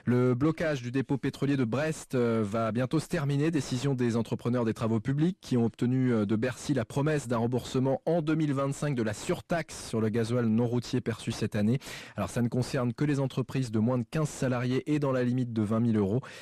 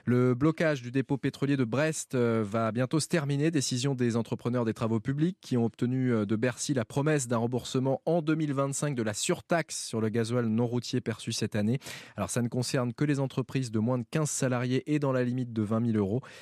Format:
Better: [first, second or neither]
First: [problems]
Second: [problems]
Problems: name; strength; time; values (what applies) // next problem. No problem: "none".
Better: second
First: distortion; slight; 10 dB below the speech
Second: none